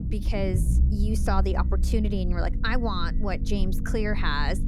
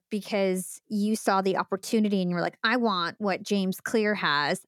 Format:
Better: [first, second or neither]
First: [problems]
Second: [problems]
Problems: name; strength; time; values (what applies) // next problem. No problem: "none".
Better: second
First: low rumble; noticeable; throughout; 10 dB below the speech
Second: none